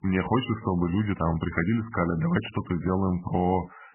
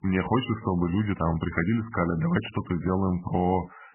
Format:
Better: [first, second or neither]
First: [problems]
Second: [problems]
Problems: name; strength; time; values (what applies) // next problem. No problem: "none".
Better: neither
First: garbled, watery; badly; nothing above 3 kHz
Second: garbled, watery; badly; nothing above 3 kHz